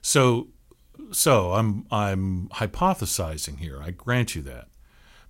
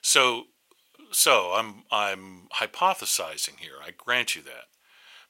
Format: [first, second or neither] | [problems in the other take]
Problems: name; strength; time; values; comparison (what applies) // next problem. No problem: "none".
first | thin; very; fading below 600 Hz